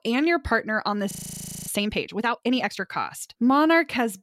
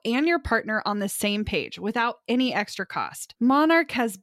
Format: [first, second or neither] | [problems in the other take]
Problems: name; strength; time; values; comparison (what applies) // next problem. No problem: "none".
second | audio freezing; at 1 s for 0.5 s